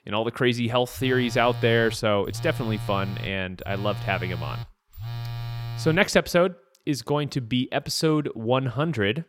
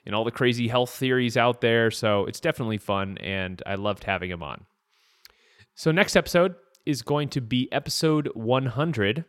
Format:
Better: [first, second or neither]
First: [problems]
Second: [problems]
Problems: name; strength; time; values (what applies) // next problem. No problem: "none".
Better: second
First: phone ringing; noticeable; from 1 to 6 s; peak 8 dB below the speech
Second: none